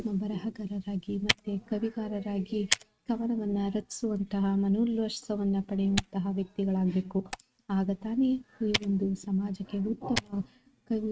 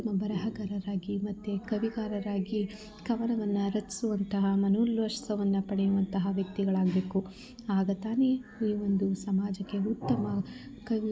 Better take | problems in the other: second | noise reduction (neural mask model RNNoise)

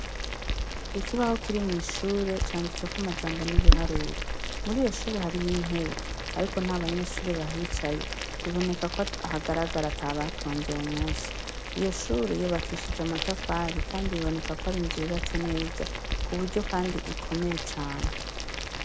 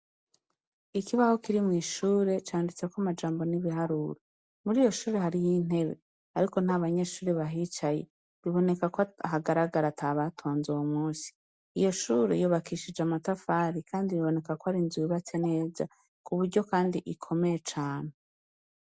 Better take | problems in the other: second | background sound (Boiling); 1 dB above the speech

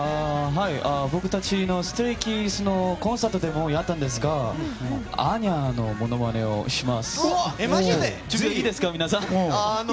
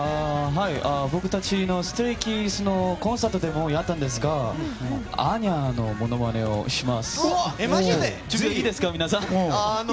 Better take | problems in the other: first | background sound (Computer keyboard); 20 dB below the speech

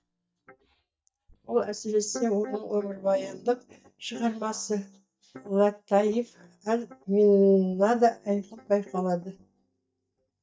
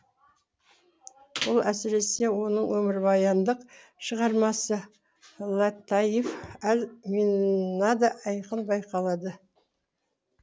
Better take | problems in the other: second | noise reduction (neural mask model DeepFilterNet 3)

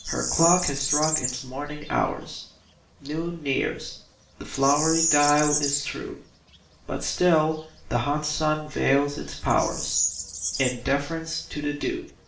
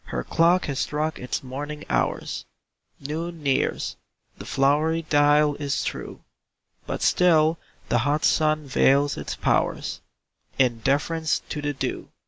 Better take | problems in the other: second | background sound (Bird vocalization, bird call, bird song); 6 dB below the speech // room echo; dies away in 0.5 s

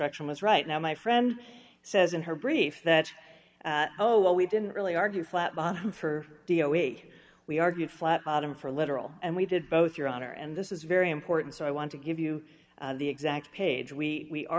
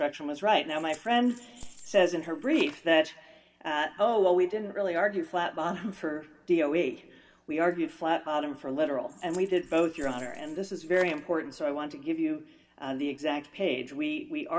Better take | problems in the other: first | background sound (Keys jangling); 19 dB below the speech // room echo; dies away in 0.2 s

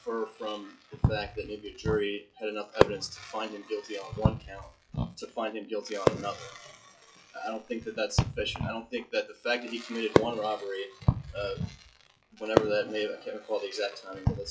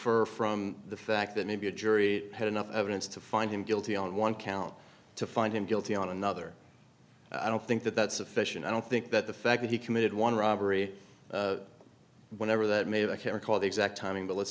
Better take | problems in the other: second | noise reduction (classical method WPE with log-MMSE)

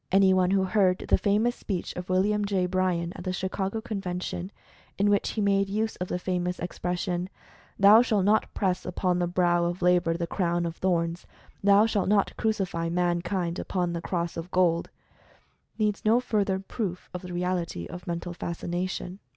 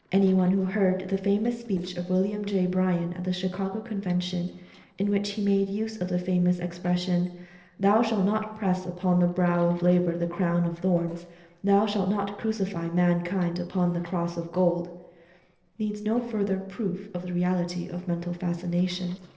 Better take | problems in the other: first | noise reduction (neural separator model SepFormer DNS4)

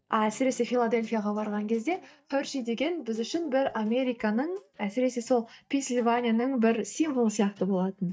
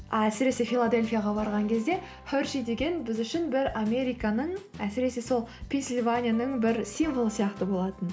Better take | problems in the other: second | noise reduction (neural mask model DeepFilterNet 3)

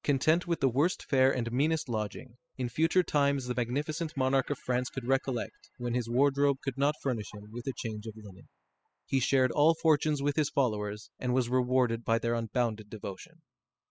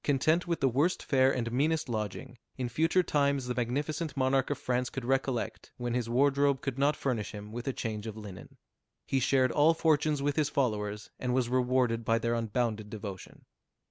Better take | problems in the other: second | noise reduction (classical method spectral subtraction)

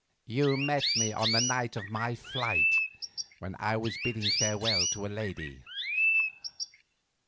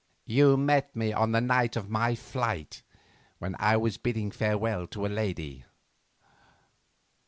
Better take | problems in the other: second | background sound (Chirp, tweet); 2 dB above the speech

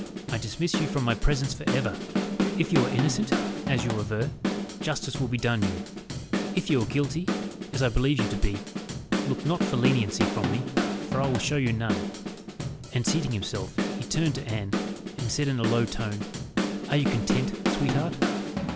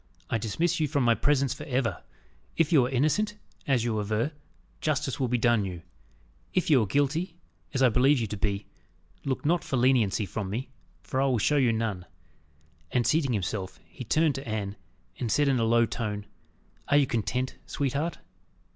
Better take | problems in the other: second | background sound (Drum / Drum kit); 1 dB below the speech

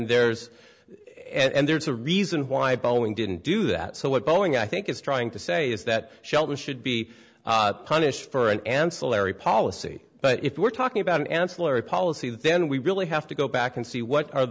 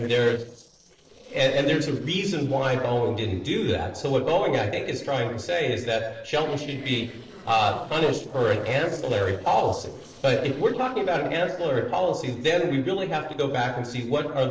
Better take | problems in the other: first | noise reduction (neural separator model SepFormer DNS4)

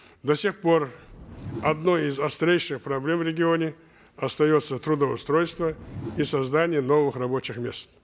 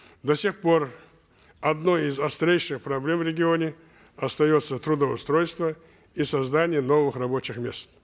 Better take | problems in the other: second | background sound (Whoosh, swoosh, swish); 17 dB below the speech

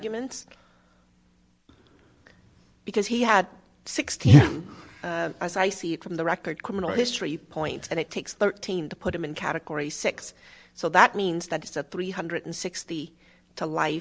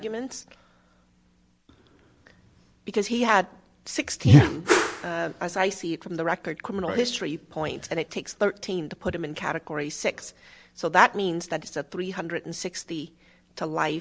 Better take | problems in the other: first | background sound (Whoosh, swoosh, swish); as loud as the speech

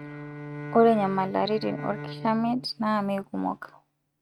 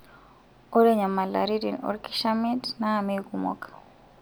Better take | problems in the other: second | noise reduction (neural mask model RNNoise)

